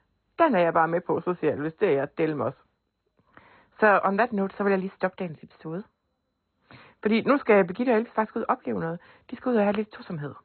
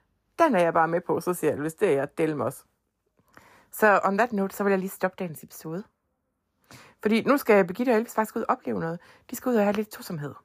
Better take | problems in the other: second | garbled, watery; badly; nothing above 4 kHz

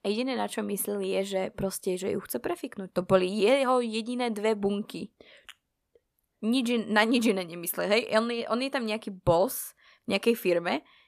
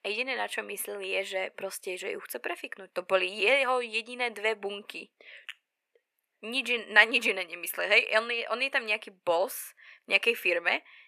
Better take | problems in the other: first | thin; somewhat; fading below 500 Hz

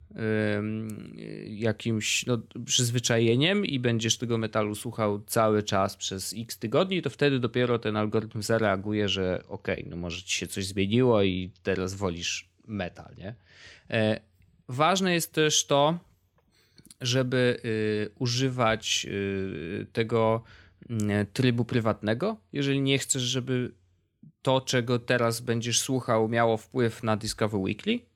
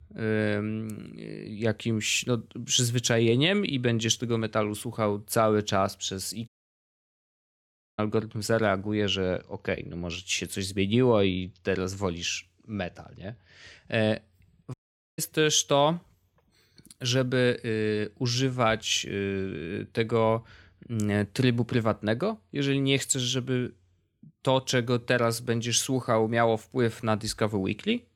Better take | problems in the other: first | audio cutting out; at 6.5 s for 1.5 s and at 15 s

